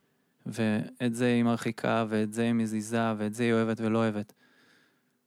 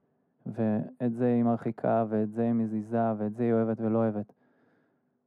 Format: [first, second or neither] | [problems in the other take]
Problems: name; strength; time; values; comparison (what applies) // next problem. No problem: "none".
first | muffled; very; fading above 2 kHz